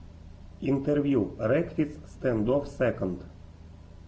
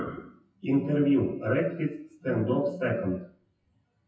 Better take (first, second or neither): first